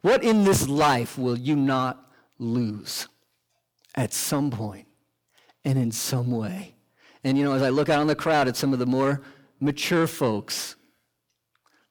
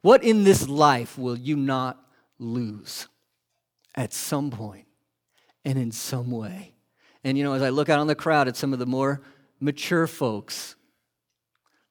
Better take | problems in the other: second | distortion; heavy; 7 dB below the speech

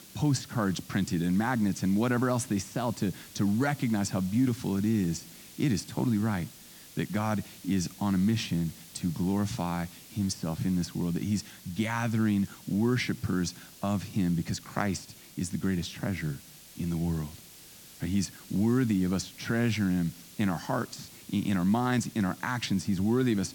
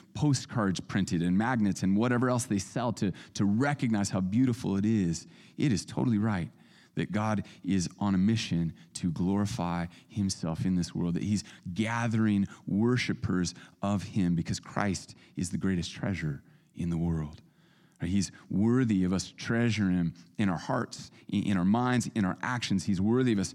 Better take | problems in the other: second | hiss; noticeable; throughout; 20 dB below the speech

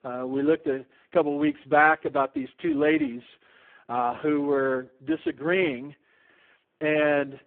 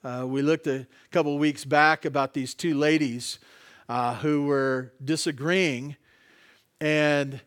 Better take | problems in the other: second | phone-call audio; poor line

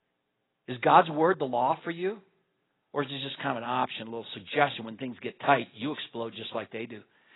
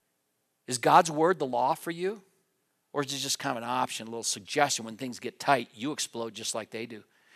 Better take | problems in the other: second | garbled, watery; badly; nothing above 4 kHz

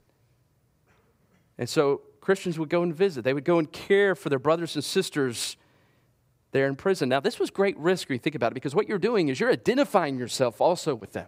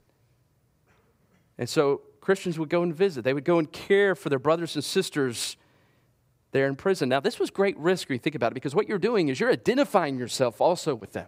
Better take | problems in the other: neither | none

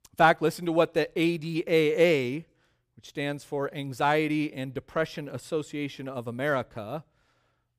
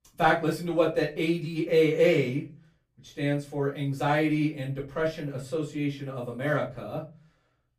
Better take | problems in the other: first | off-mic speech; far // room echo; very slight; dies away in 0.3 s

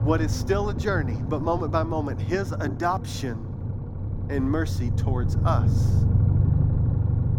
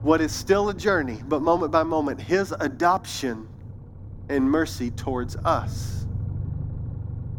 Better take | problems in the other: second | low rumble; loud; throughout; 9 dB below the speech; faint in the second

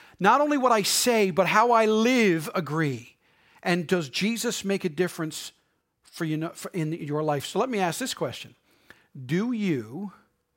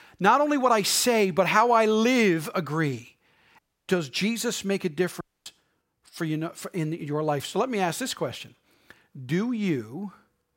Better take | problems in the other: first | audio cutting out; at 3.5 s and at 5 s

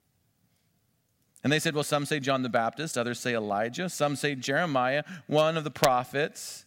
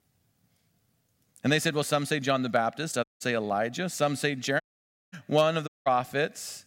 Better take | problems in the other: first | audio cutting out; at 3 s, at 4.5 s for 0.5 s and at 5.5 s

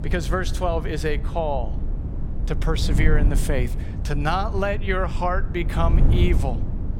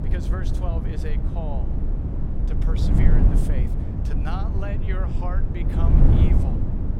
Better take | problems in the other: first | wind noise on the microphone; heavy; 2 dB above the speech; occasional gusts in the first

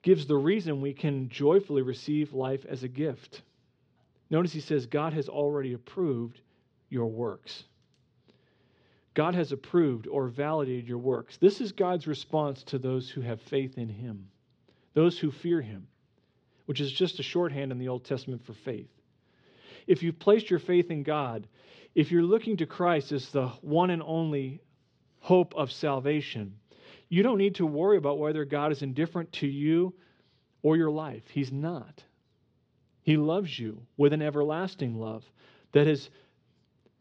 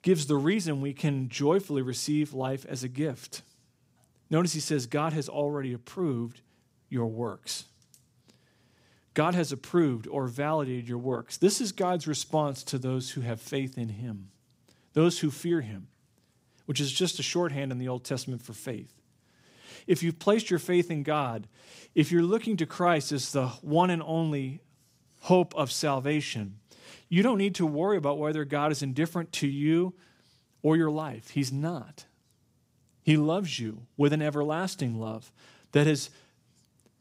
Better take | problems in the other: second | muffled; slightly; fading above 4 kHz

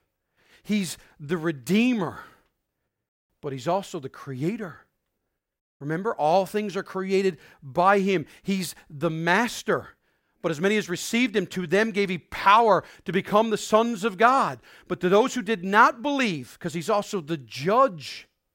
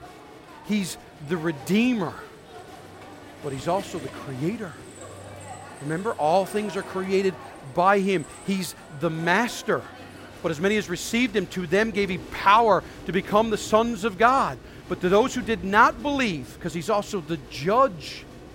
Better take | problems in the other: first | crowd noise; noticeable; throughout; 20 dB below the speech

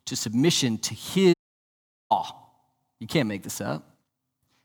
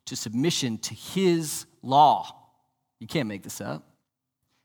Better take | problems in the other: second | audio cutting out; at 1.5 s for 1 s

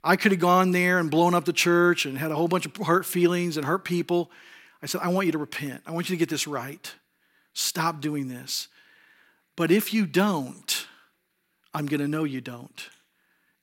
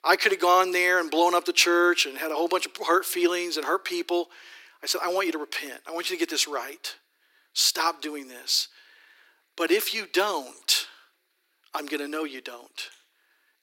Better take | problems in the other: first | thin; very; fading below 350 Hz

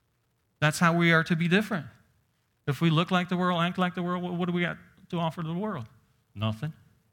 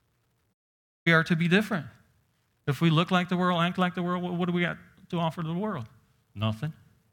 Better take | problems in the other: first | audio cutting out; at 0.5 s for 0.5 s

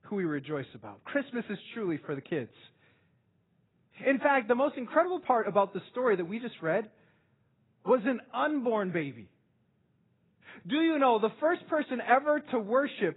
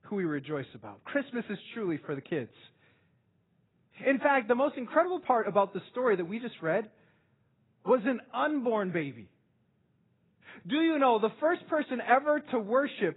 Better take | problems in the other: neither | garbled, watery; badly; nothing above 4 kHz; the same in both

